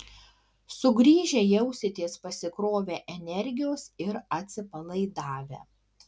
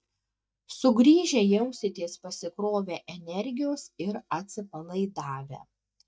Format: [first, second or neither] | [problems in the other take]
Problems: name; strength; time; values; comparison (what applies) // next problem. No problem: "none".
first | noise reduction (neural mask model DeepFilterNet 3)